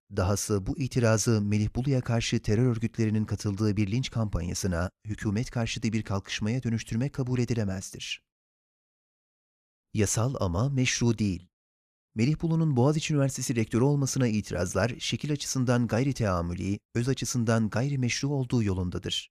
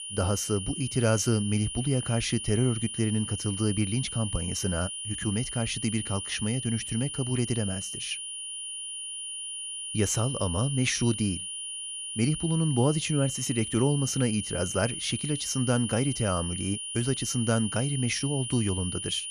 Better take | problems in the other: first | high-pitched whine; loud; throughout; 9.5 kHz, 5 dB below the speech

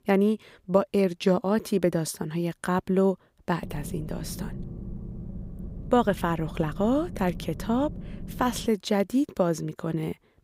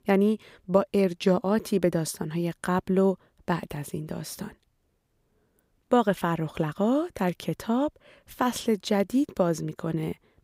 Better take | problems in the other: second | low rumble; faint; from 3.5 to 8.5 s; 20 dB below the speech

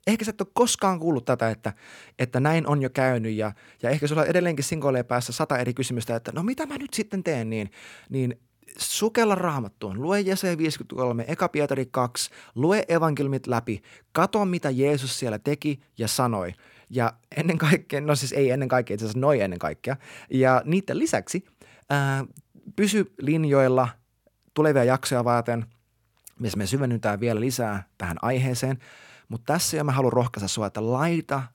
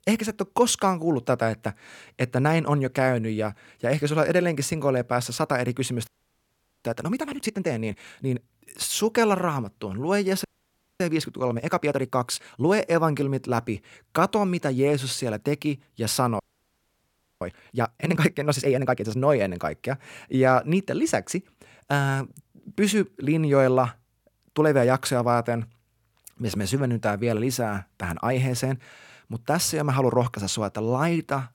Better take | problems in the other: first | audio freezing; at 6 s for 1 s, at 10 s for 0.5 s and at 16 s for 1 s

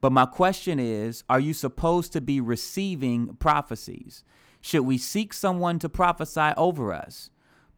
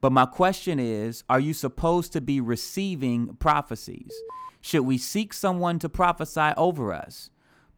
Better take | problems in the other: first | alarm; faint; at 4 s; peak 15 dB below the speech

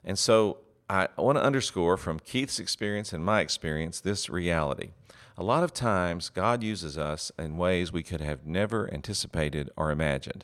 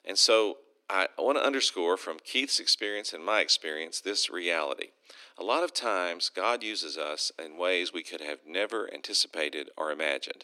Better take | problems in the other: first | thin; somewhat; fading below 300 Hz

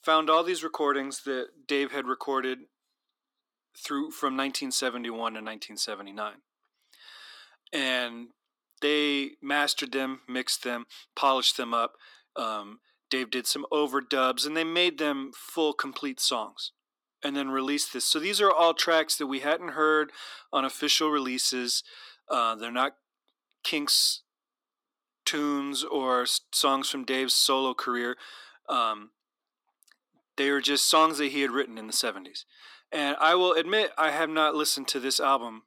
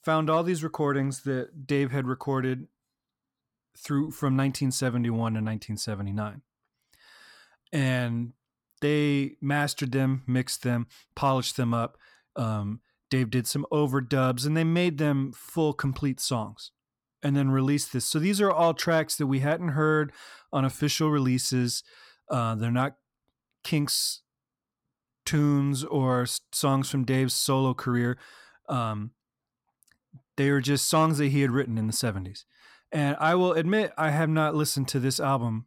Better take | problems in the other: second | thin; somewhat; fading below 300 Hz

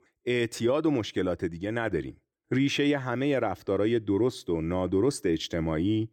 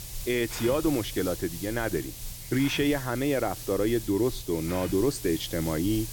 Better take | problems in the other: first | hiss; loud; throughout; 10 dB below the speech

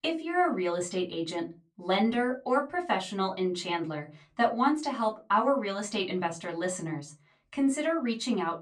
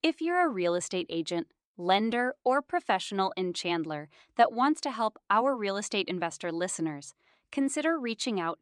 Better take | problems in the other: second | off-mic speech; far // room echo; very slight; dies away in 0.2 s

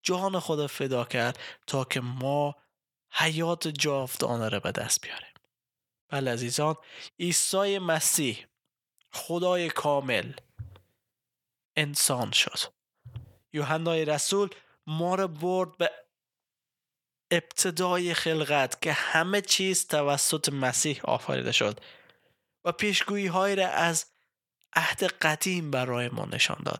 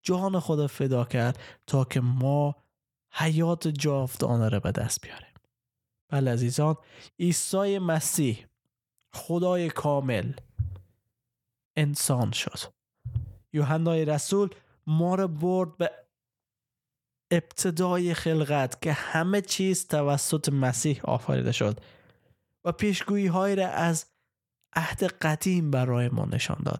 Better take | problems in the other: second | thin; somewhat; fading below 1 kHz

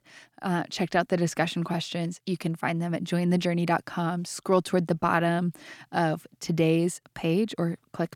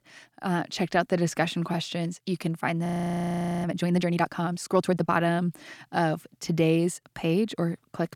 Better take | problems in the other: first | audio freezing; at 3 s for 1 s

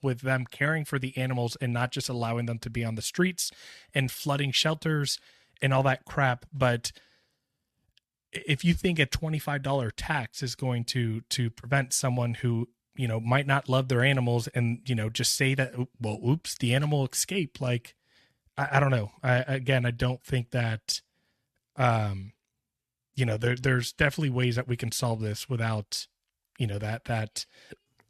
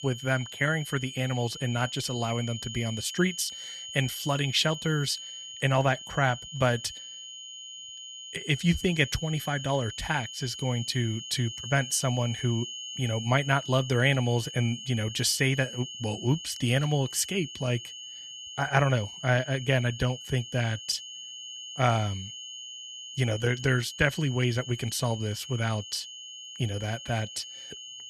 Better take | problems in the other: first | high-pitched whine; noticeable; throughout; 3 kHz, 10 dB below the speech

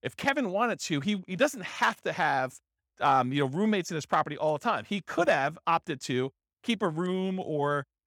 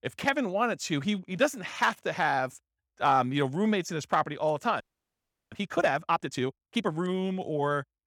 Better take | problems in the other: first | audio freezing; at 5 s for 0.5 s

